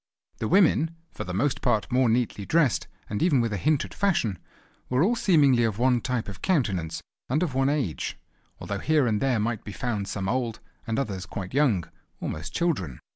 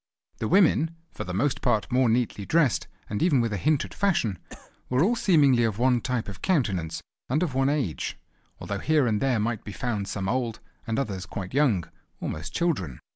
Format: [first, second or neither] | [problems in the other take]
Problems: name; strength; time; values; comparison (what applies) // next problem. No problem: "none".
first | background sound (Cough); 20 dB below the speech